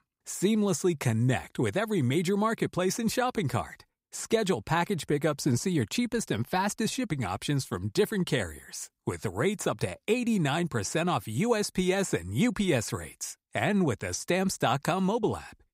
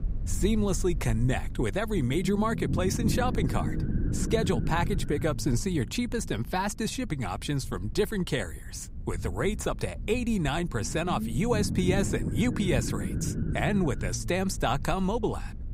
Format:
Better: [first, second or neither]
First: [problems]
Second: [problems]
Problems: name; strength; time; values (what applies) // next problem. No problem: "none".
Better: first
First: none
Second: low rumble; noticeable; throughout; 10 dB below the speech